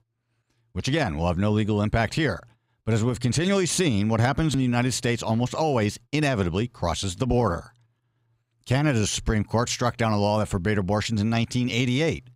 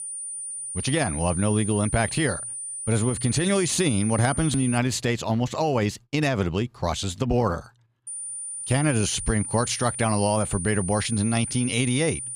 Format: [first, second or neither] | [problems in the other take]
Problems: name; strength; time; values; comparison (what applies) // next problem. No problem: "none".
first | high-pitched whine; loud; until 5 s and from 8 s on; 9.5 kHz, 6 dB below the speech